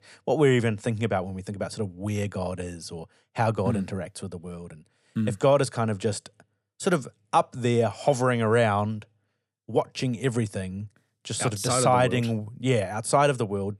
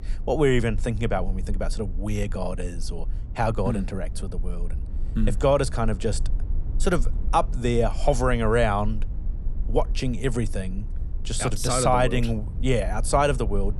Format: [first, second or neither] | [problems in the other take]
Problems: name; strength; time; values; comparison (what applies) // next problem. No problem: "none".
first | low rumble; faint; throughout; 25 dB below the speech